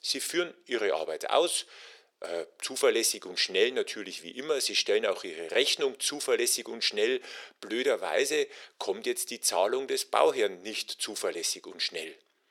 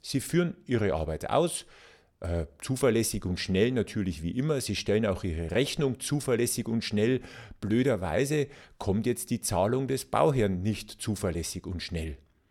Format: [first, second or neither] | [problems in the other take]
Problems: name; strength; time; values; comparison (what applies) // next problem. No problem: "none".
second | thin; very; fading below 400 Hz